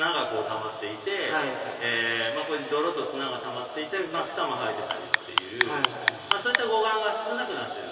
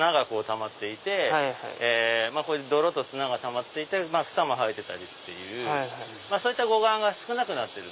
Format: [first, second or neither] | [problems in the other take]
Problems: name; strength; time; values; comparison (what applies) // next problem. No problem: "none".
second | background sound (Clock); 1 dB above the speech // room echo; dies away in 2.7 s